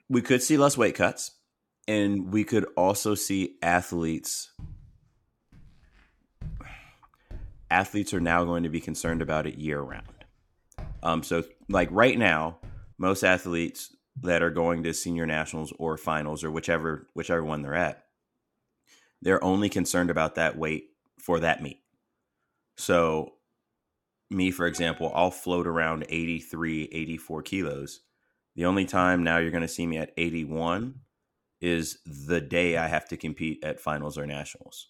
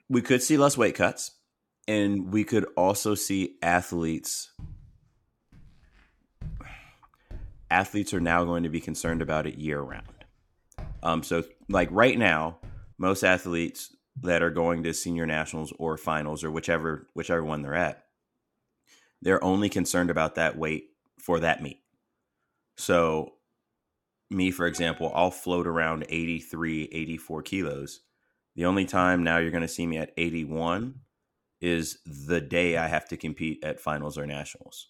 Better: neither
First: footsteps; faint; from 4.5 to 13 s; peak 15 dB below the speech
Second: footsteps; faint; from 4.5 to 13 s; peak 15 dB below the speech

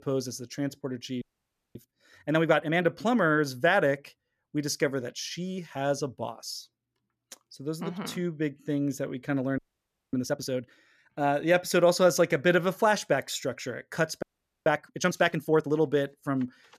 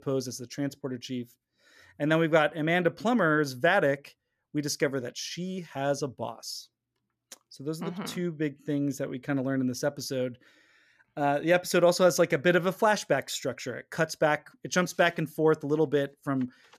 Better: second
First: audio freezing; at 1 s for 0.5 s, at 9.5 s for 0.5 s and at 14 s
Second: none

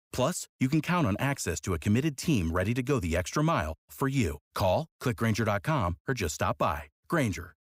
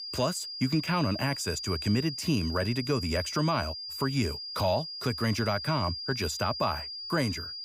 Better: first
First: none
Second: high-pitched whine; loud; throughout; 5 kHz, 5 dB below the speech

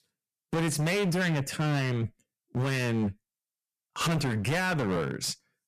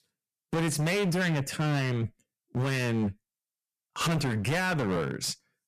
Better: neither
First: distortion; heavy; 24% of the sound clipped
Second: distortion; heavy; 24% of the sound clipped

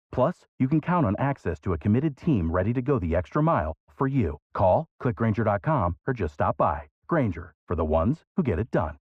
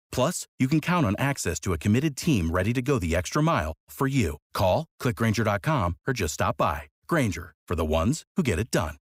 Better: second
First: muffled; very; fading above 4 kHz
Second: none

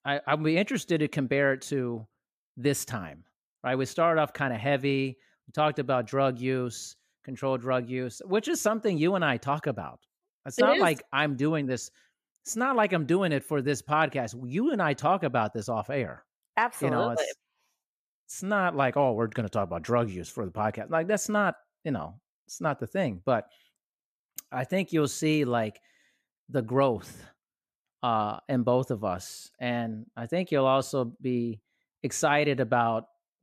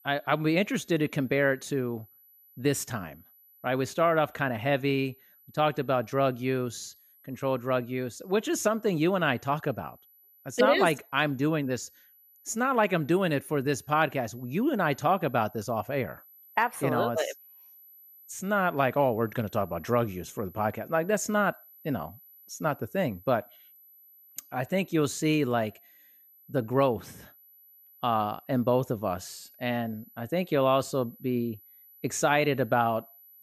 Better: first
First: none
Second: high-pitched whine; faint; throughout; 12 kHz, 25 dB below the speech

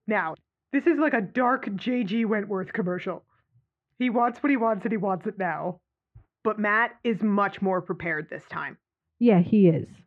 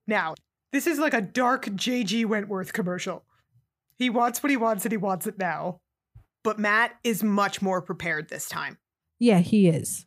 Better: second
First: muffled; very; fading above 2.5 kHz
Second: none

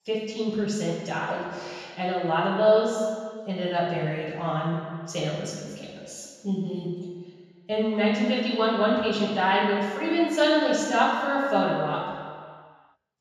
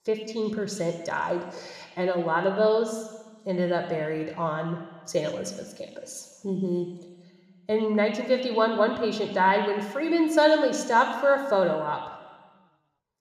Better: second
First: room echo; strong; dies away in 1.8 s // off-mic speech; far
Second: room echo; slight; dies away in 1.4 s

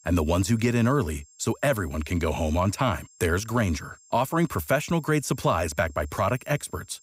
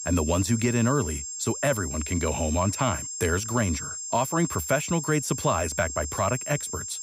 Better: first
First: high-pitched whine; faint; throughout; 7.5 kHz, 25 dB below the speech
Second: high-pitched whine; loud; throughout; 7.5 kHz, 6 dB below the speech

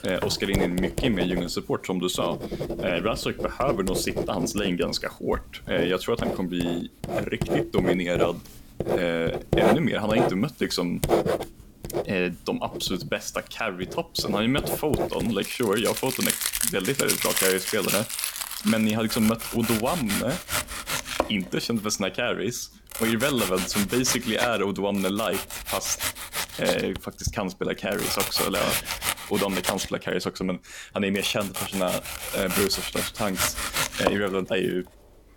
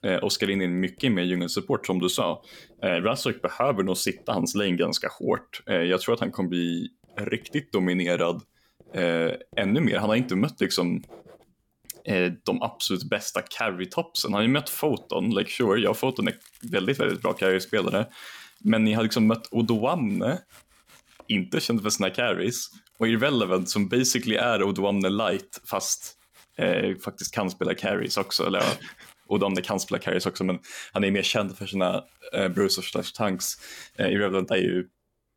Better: second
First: household noises; loud; throughout; 2 dB below the speech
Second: household noises; faint; throughout; 30 dB below the speech

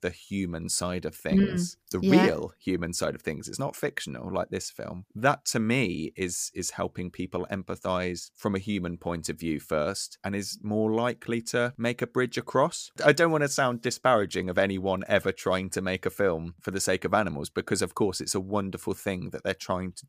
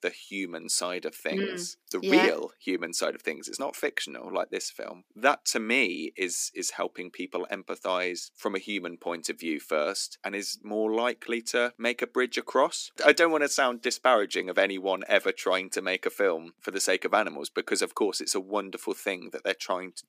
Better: first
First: none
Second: thin; somewhat; fading below 250 Hz

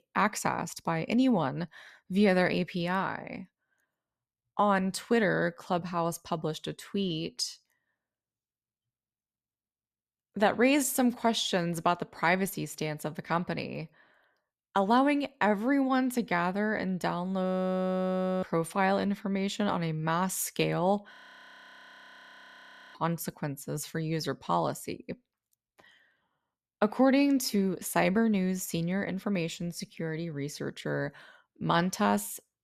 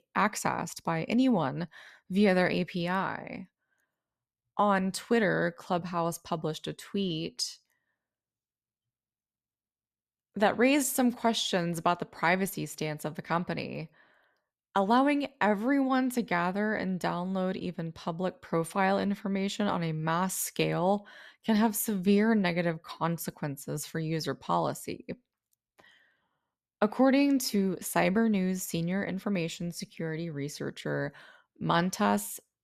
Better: second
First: audio freezing; at 17 s for 1 s and at 21 s for 2 s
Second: none

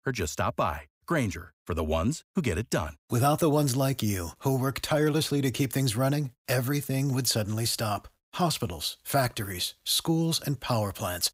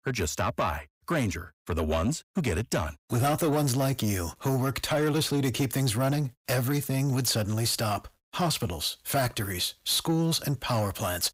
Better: first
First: none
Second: distortion; slight; 10 dB below the speech

